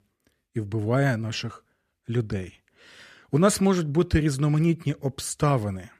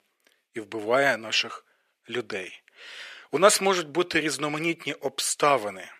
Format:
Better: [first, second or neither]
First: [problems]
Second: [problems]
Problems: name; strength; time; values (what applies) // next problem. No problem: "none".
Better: first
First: none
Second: thin; very; fading below 550 Hz